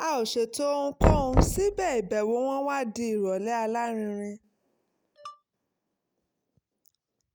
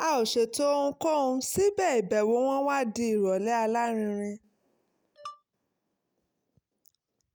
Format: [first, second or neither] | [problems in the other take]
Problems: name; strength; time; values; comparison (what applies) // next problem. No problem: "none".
second | background sound (Knock); 1 dB above the speech